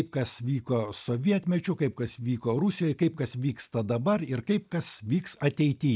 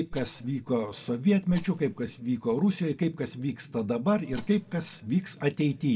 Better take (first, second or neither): first